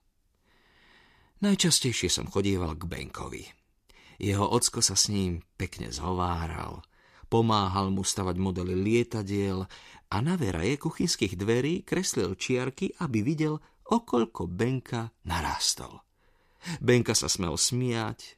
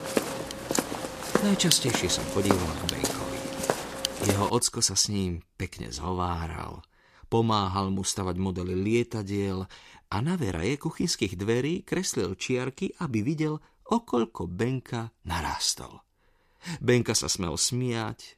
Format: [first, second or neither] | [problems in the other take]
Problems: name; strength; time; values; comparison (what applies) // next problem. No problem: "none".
first | footsteps; loud; until 4.5 s; peak 1 dB above the speech